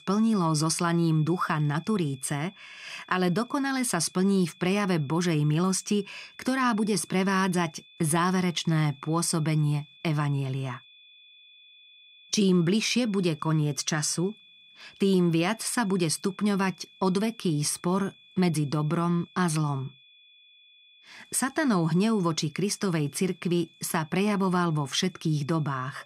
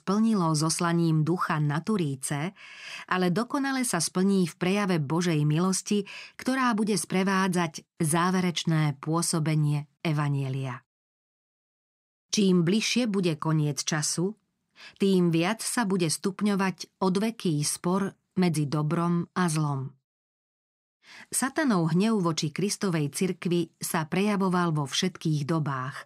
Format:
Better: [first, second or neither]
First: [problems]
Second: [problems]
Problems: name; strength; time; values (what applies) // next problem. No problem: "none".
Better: second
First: high-pitched whine; faint; throughout; 3.5 kHz, 25 dB below the speech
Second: none